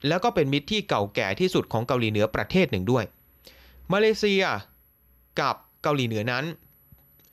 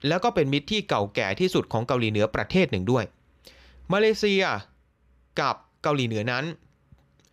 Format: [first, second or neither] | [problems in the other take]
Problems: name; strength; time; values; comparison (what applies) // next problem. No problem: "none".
second | high-pitched whine; faint; throughout; 12 kHz, 35 dB below the speech